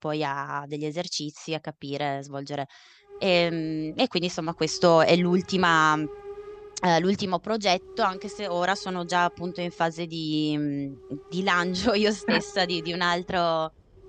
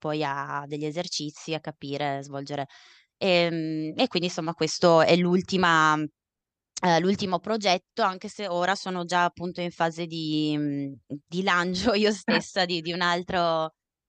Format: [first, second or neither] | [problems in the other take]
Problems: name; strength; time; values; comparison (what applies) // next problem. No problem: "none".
second | hiss; noticeable; from 3 s on; 20 dB below the speech